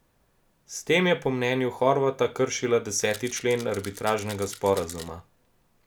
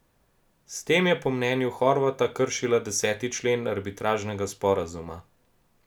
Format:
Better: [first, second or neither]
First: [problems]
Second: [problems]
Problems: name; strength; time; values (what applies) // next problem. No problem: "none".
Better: second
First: background sound (Rattle); 17 dB below the speech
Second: none